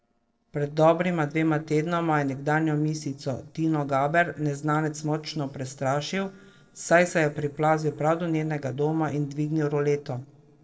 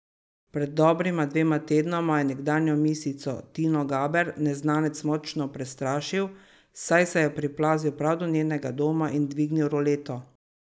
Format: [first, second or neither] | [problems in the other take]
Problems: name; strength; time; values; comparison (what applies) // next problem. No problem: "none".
second | noise reduction (neural separator model SepFormer DNS4)